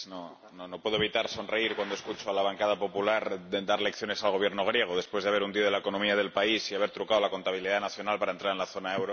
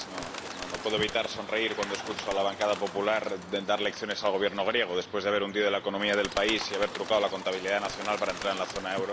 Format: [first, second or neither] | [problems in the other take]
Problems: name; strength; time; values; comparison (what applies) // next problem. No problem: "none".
first | background sound (Bird); 11 dB below the speech